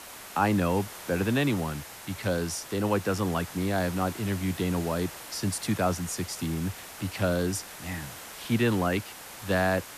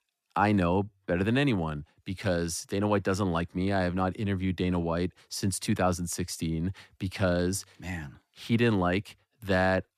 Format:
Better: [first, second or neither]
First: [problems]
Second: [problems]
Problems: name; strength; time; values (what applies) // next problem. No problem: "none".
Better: second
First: hiss; noticeable; throughout; 10 dB below the speech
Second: none